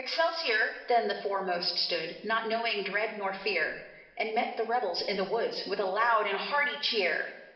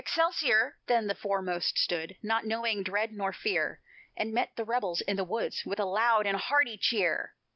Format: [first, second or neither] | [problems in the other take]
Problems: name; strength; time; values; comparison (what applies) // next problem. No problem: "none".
second | room echo; dies away in 1.1 s